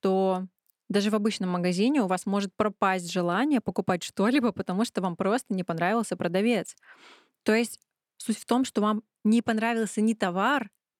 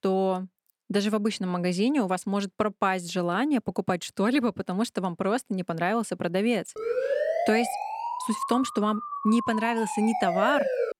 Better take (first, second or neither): first